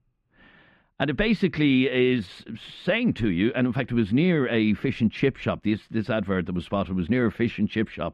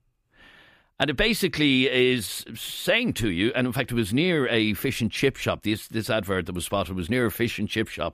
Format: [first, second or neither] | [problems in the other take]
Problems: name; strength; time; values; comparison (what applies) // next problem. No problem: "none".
second | muffled; slightly; fading above 2.5 kHz